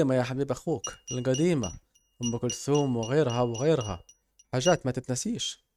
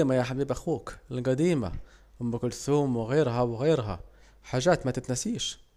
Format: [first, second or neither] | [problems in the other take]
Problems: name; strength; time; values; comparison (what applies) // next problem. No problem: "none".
second | noise reduction (neural mask model RNNoise)